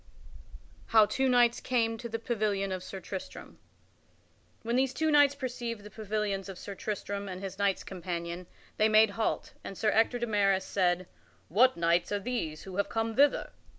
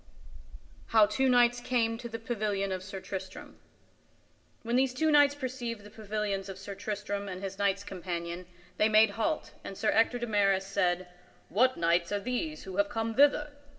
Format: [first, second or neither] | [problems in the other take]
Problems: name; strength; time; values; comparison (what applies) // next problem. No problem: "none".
first | room echo; dies away in 1.1 s